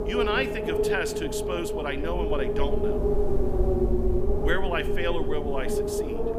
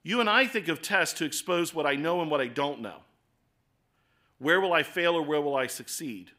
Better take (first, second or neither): second